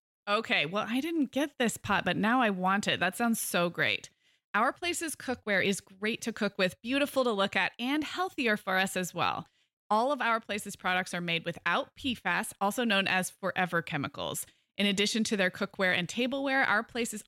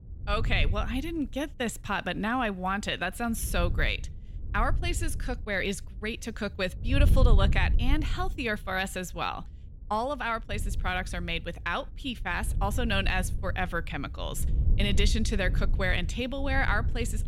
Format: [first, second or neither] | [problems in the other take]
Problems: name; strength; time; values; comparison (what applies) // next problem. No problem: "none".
first | wind noise on the microphone; occasional gusts; 15 dB below the speech